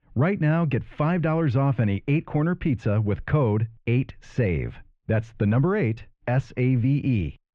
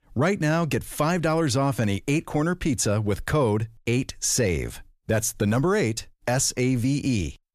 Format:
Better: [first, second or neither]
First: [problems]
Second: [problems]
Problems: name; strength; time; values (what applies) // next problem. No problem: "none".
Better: second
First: muffled; very; fading above 2.5 kHz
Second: none